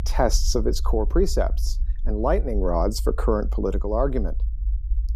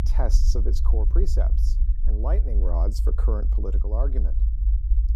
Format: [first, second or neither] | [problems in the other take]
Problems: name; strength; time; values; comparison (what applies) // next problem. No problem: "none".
first | low rumble; loud; throughout; 9 dB below the speech; faint in the first